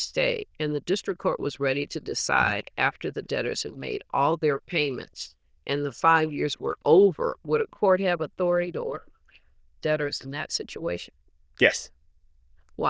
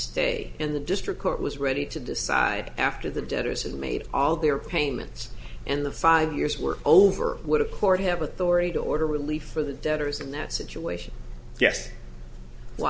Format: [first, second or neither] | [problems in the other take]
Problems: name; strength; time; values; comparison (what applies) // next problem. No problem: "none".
second | noise reduction (neural diffusion model UNIVERSE++)